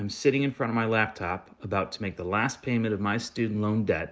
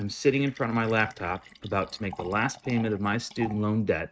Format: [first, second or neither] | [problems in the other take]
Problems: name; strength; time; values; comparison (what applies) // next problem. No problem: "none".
first | noise reduction (neural mask model RNNoise)